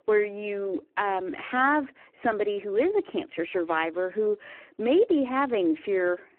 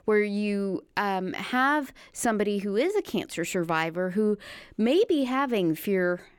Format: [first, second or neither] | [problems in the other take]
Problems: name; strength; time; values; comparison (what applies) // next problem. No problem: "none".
second | phone-call audio; poor line